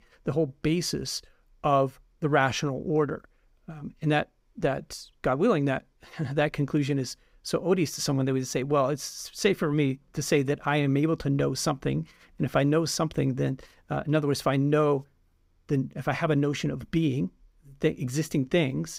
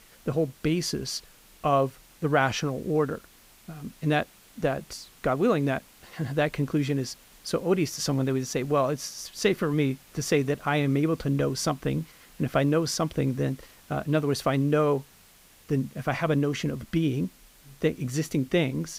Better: first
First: none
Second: hiss; faint; throughout; 25 dB below the speech

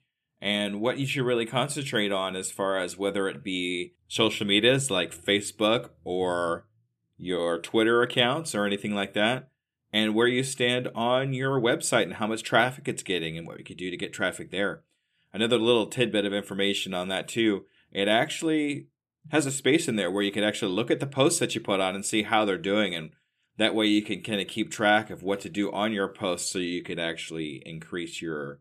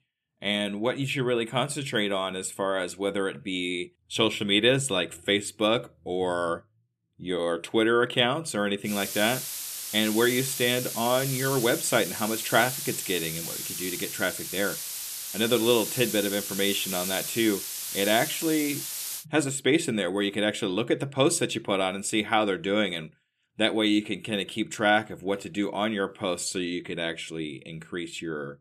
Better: first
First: none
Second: hiss; loud; from 9 to 19 s; 5 dB below the speech

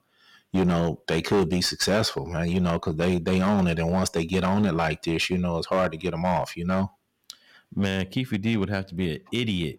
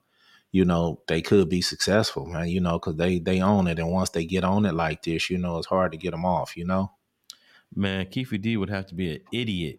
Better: second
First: distortion; slight; 7% of the sound clipped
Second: none

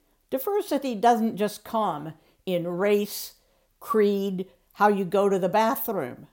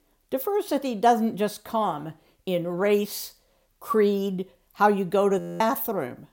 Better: first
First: none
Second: audio freezing; at 5.5 s

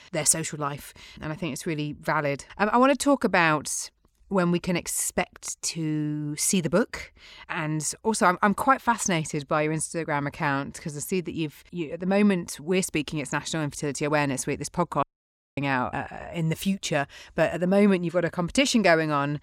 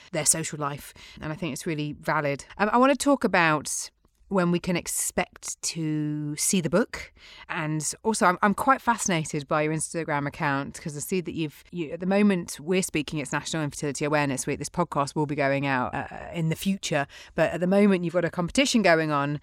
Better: second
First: audio cutting out; at 15 s for 0.5 s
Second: none

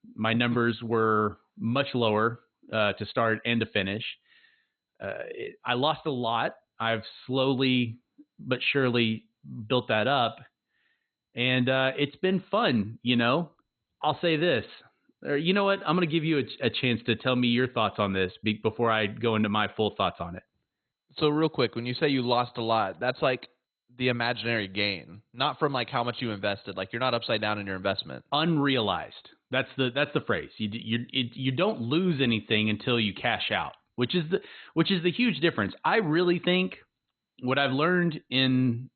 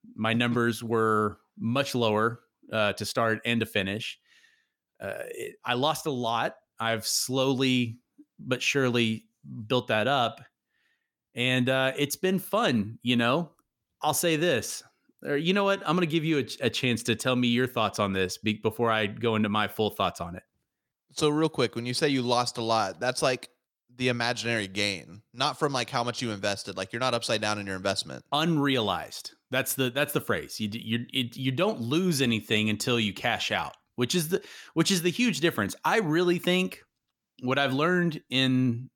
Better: second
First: garbled, watery; badly; nothing above 4 kHz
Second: none

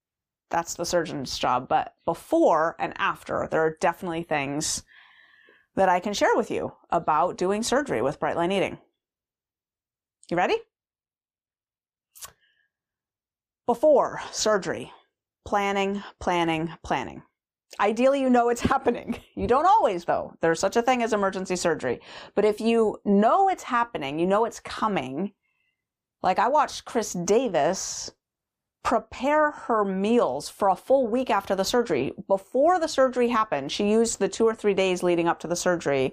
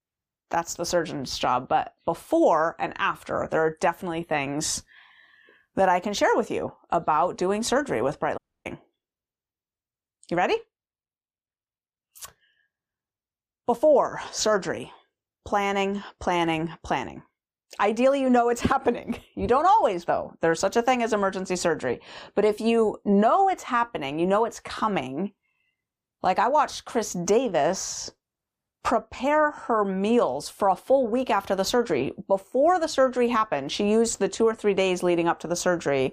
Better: first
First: none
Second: audio cutting out; at 8.5 s

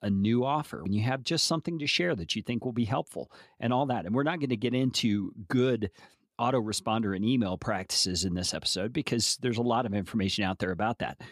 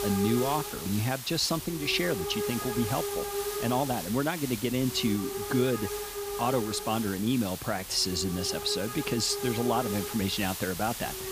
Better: first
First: none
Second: hiss; loud; throughout; 5 dB below the speech

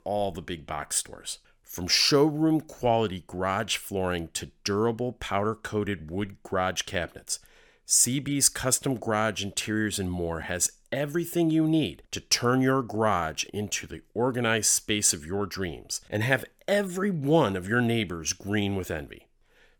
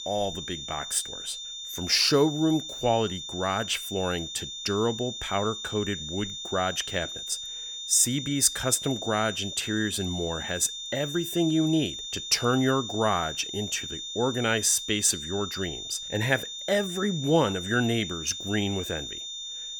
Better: first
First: none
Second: high-pitched whine; loud; throughout; 3.5 kHz, 7 dB below the speech

